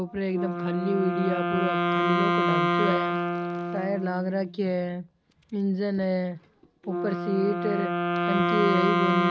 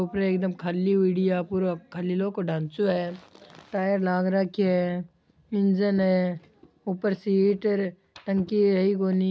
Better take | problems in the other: second | background sound (Wind instrument, woodwind instrument); 1 dB above the speech

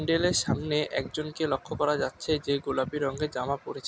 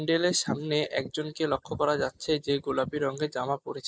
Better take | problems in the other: first | noise reduction (neural mask model Resemble Enhance denoiser)

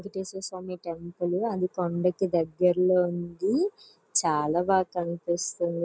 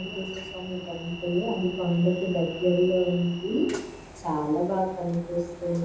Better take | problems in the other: first | background sound (Train); 14 dB below the speech // room echo; dies away in 0.8 s

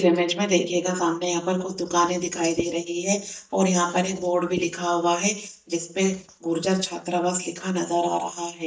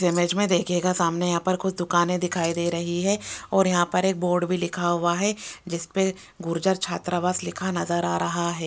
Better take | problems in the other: second | noise reduction (neural mask model DeepFilterNet 3)

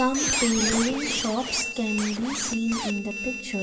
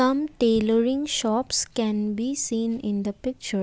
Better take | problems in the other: second | background sound (Squeak); 3 dB below the speech // room echo; dies away in 2 s

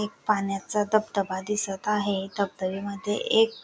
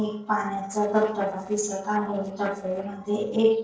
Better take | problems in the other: first | noise reduction (neural separator model SepFormer DNS4)

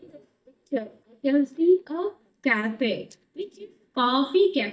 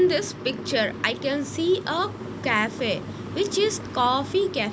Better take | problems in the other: second | noise reduction (neural mask model DeepFilterNet 3)

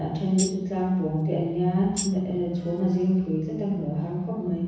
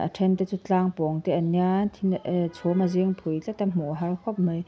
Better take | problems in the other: second | background sound (Tambourine); 11 dB below the speech // room echo; dies away in 1.1 s

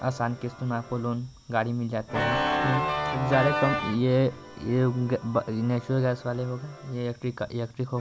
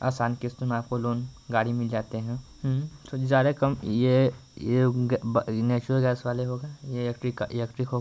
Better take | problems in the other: second | background sound (Organ); 5 dB below the speech

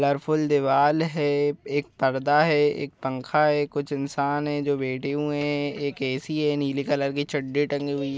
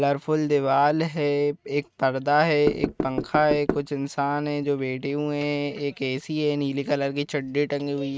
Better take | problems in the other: first | noise reduction (neural mask model RNNoise)

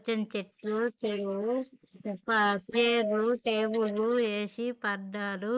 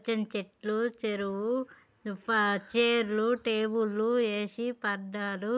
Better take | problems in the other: second | noise reduction (neural mask model Resemble Enhance denoiser)

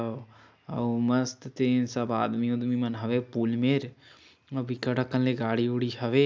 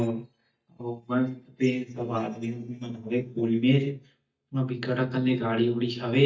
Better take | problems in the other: first | noise reduction (neural mask model DeepFilterNet 3)

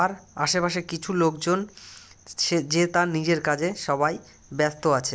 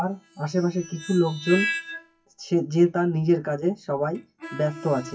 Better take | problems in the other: first | noise reduction (classical method WPE with log-MMSE)

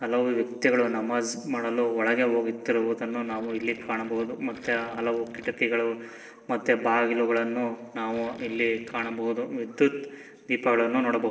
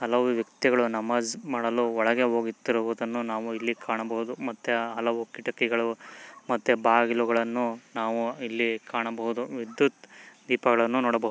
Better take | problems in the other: second | noise reduction (neural separator model SepFormer DNS4)

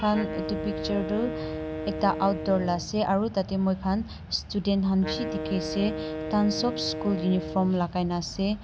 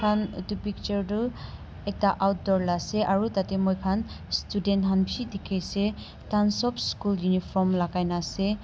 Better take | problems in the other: second | background sound (Wind instrument, woodwind instrument); 8 dB below the speech

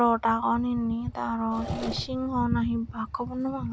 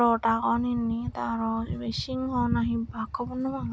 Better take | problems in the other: second | background sound (Engine / Mechanisms); 12 dB below the speech

